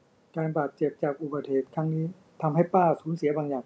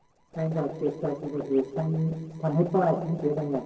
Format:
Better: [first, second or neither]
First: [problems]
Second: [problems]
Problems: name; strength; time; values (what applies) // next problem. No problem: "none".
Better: first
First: none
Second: noise reduction (neural separator model SepFormer DNS4)